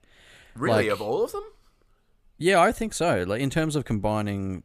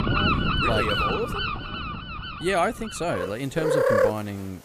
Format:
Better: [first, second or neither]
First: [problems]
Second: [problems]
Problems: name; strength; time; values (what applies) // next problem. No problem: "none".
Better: first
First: none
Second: animal sounds; very loud; throughout; 3 dB above the speech